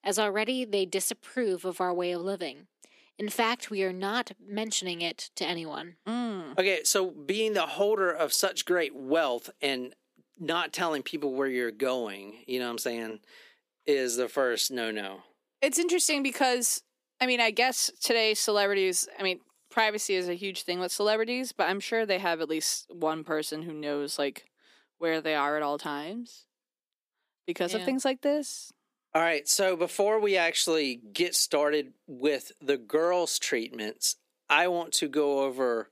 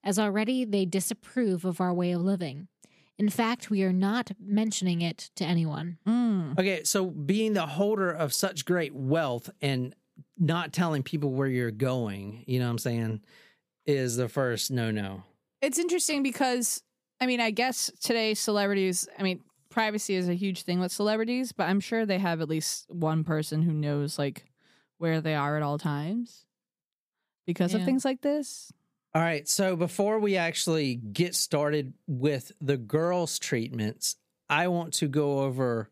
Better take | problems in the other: second | thin; somewhat; fading below 300 Hz

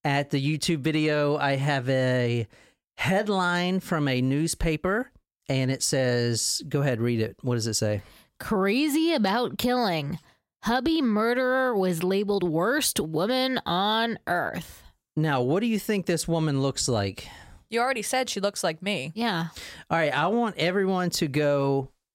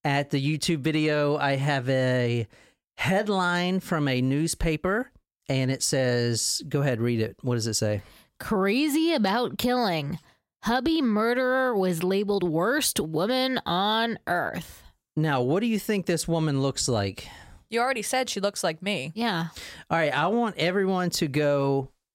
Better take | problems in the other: neither | none

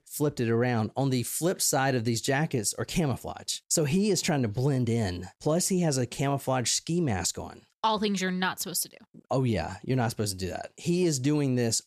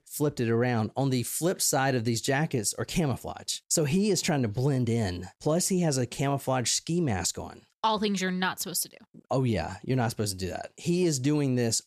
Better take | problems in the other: neither | none

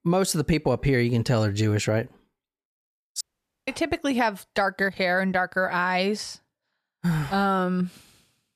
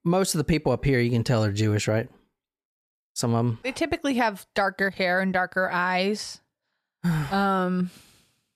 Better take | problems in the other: second | audio cutting out; at 3 s

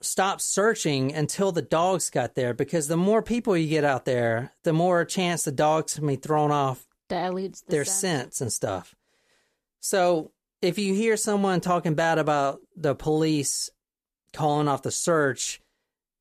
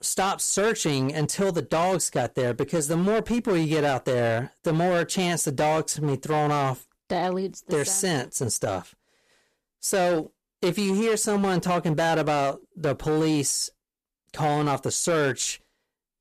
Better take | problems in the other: first | distortion; slight; 13% of the sound clipped

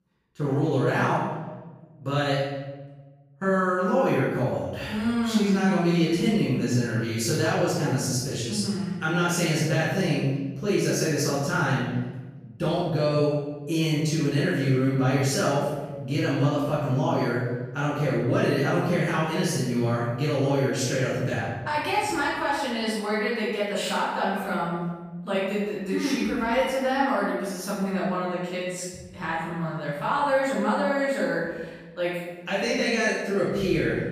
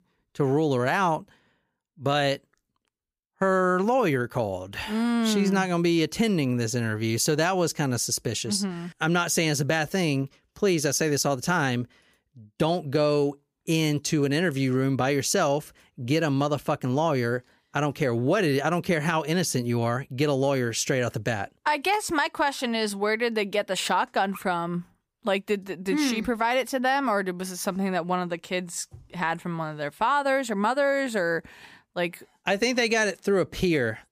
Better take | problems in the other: second | room echo; strong; dies away in 1.2 s // off-mic speech; far

